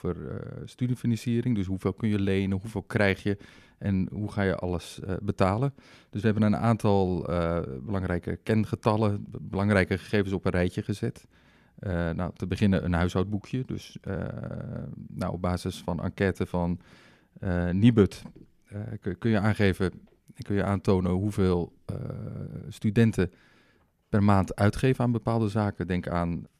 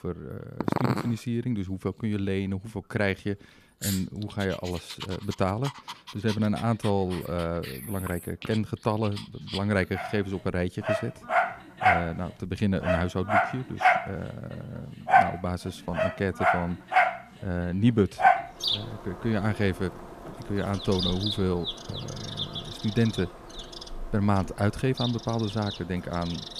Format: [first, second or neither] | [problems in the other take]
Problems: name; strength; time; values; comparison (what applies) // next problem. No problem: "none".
first | animal sounds; very loud; throughout; 1 dB above the speech